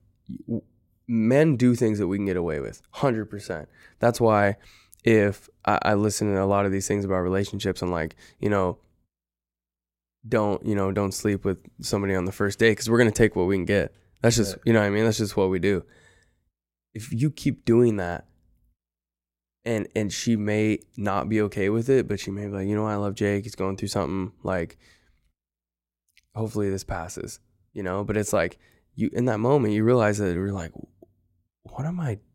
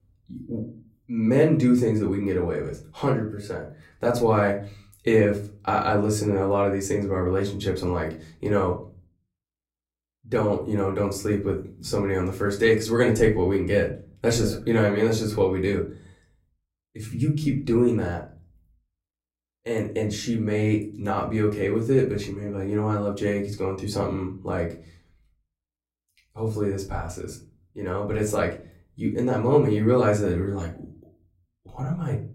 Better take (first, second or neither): first